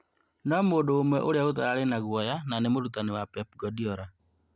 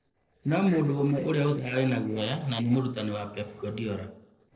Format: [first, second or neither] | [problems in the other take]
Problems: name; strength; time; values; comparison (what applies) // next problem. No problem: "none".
first | noise reduction (neural separator model SepFormer DNS4)